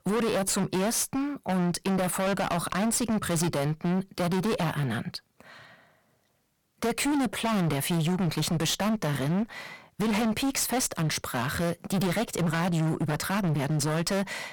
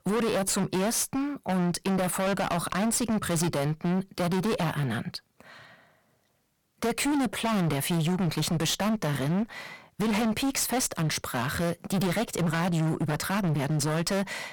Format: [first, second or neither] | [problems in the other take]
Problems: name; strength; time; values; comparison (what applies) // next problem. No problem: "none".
neither | distortion; heavy; 33% of the sound clipped; the same in both